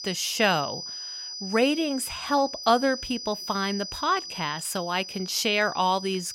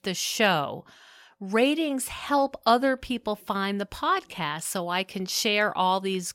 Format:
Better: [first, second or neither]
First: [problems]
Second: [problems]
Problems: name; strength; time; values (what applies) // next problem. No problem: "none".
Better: second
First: high-pitched whine; loud; throughout; 5 kHz, 9 dB below the speech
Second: none